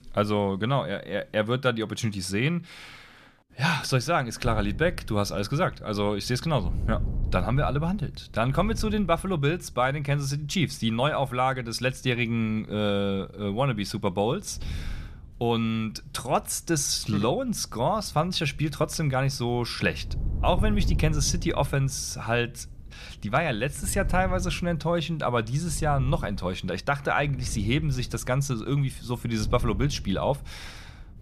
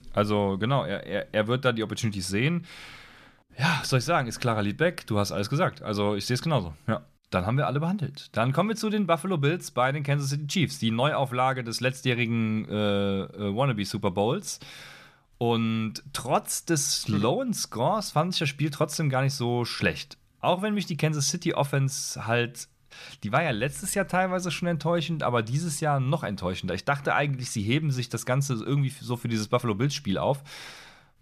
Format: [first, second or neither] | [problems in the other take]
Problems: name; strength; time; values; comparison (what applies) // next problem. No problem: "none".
second | wind noise on the microphone; occasional gusts; from 4.5 s on; 20 dB below the speech